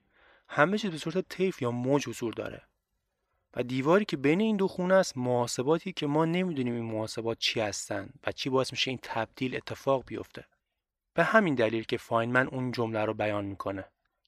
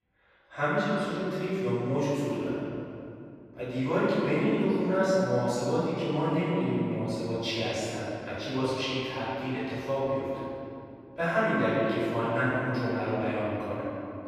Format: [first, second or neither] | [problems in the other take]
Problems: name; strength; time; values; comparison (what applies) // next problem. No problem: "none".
first | off-mic speech; far // room echo; strong; dies away in 2.7 s